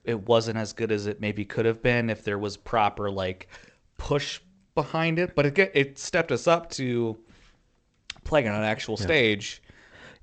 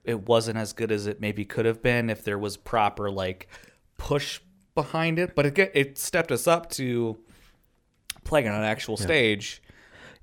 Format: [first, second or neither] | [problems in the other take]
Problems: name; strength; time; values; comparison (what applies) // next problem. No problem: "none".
second | garbled, watery; slightly; nothing above 8 kHz